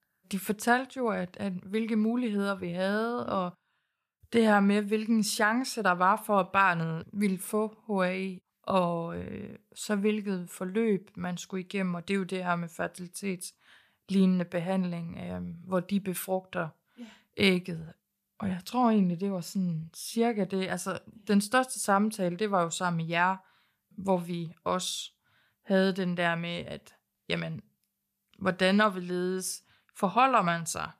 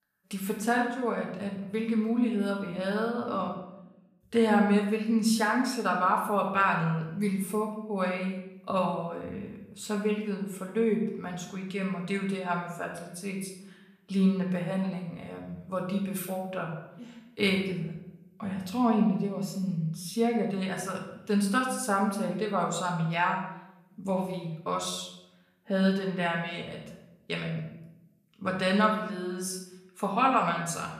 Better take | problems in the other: first | room echo; slight; dies away in 0.7 s // off-mic speech; far

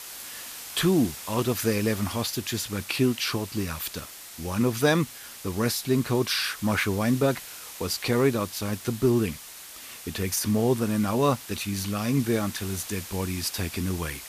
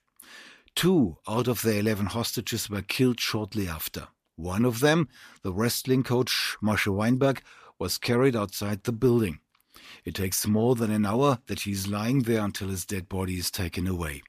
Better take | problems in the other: second | hiss; noticeable; throughout; 10 dB below the speech

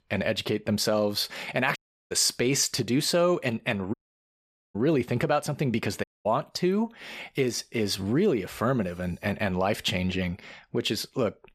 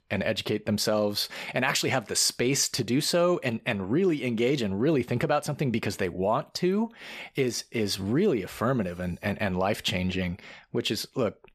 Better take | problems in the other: second | audio cutting out; at 2 s, at 4 s for 1 s and at 6 s

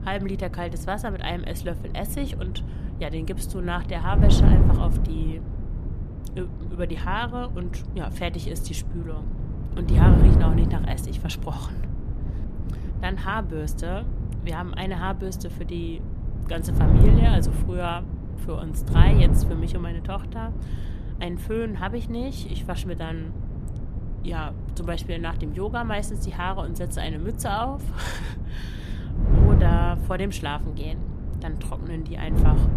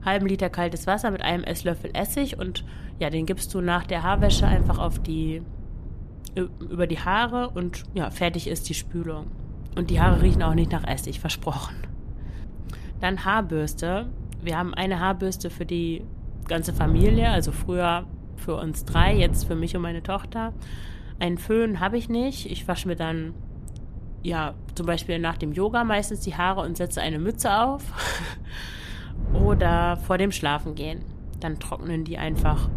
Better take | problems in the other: second | wind noise on the microphone; heavy; 5 dB below the speech; occasional gusts in the second

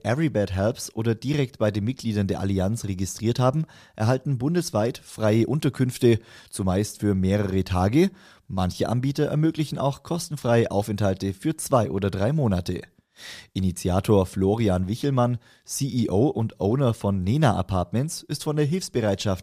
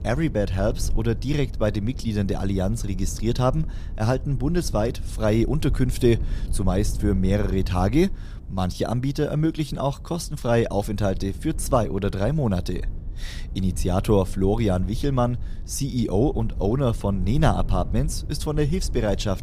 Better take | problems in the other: first | low rumble; faint; throughout; 20 dB below the speech

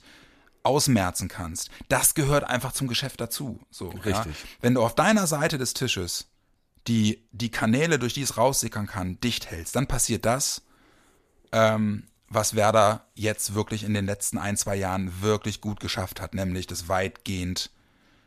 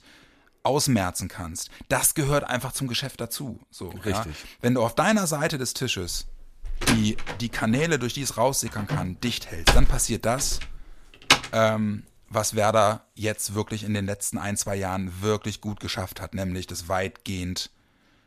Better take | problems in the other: first | door banging; loud; from 6.5 to 11 s; peak 6 dB above the speech

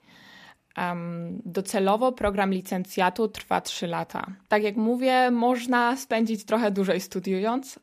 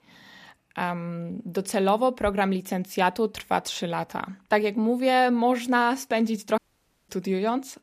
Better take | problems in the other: first | audio cutting out; at 6.5 s for 0.5 s

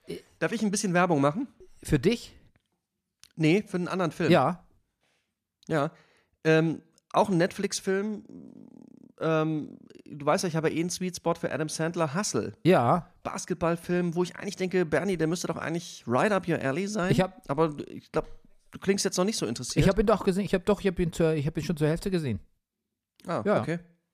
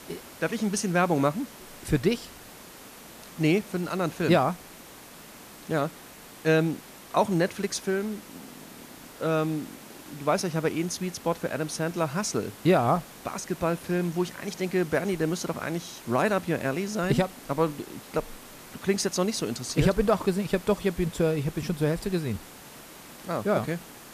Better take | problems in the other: first | hiss; noticeable; throughout; 15 dB below the speech

